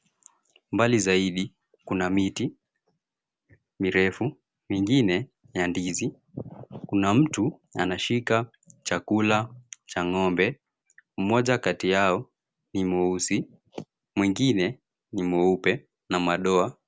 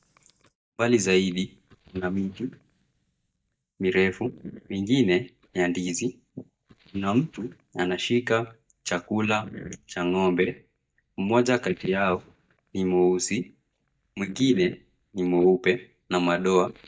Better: first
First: none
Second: noise reduction (neural mask model DeepFilterNet 3)

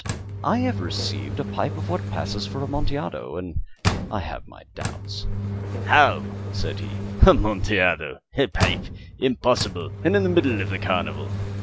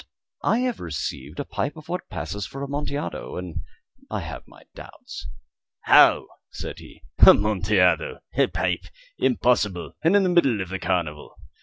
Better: second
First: background sound (Engine); 5 dB below the speech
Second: none

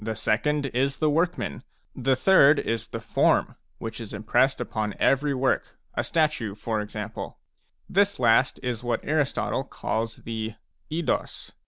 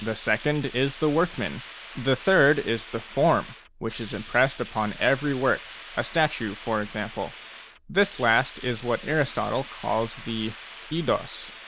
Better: first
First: none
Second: background sound (Hiss); 17 dB below the speech

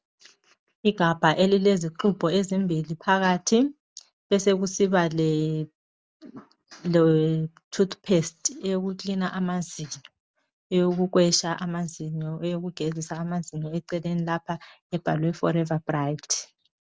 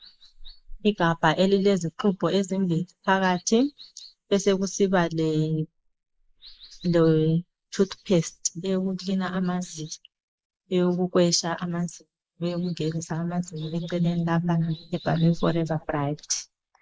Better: first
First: none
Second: noise reduction (neural mask model Resemble Enhance denoiser)

